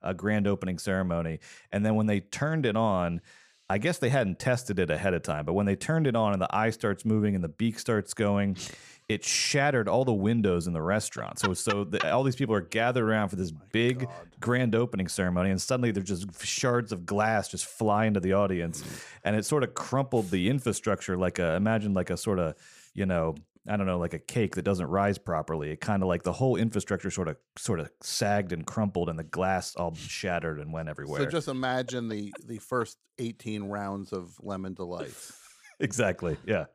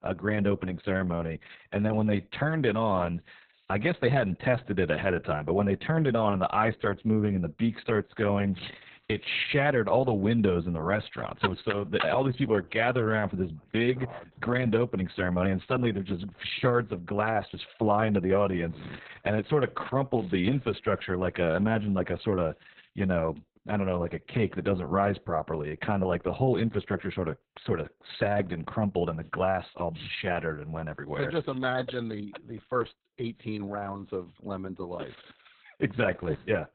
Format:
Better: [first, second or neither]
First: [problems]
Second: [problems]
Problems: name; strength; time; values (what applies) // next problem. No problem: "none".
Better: first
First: none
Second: garbled, watery; badly; nothing above 4 kHz